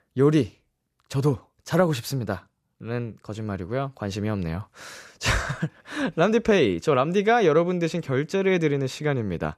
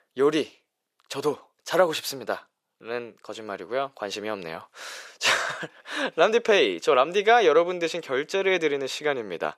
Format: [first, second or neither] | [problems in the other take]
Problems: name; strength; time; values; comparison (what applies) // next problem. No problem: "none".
first | thin; somewhat; fading below 500 Hz